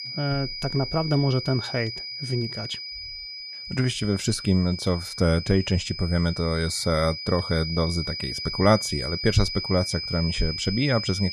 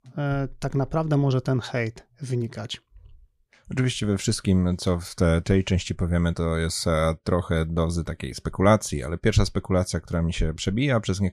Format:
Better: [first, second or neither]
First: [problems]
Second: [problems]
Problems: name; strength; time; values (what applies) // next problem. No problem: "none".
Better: second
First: high-pitched whine; loud; throughout; 5 kHz, 6 dB below the speech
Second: none